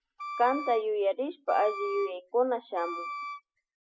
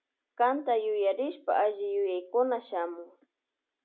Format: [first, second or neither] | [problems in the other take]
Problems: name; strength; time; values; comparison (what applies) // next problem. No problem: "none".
second | noise reduction (classical method spectral subtraction)